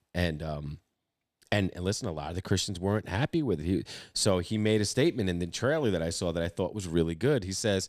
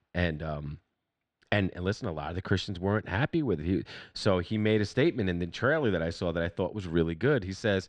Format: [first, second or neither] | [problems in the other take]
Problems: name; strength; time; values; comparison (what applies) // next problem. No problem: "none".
first | muffled; slightly; fading above 3 kHz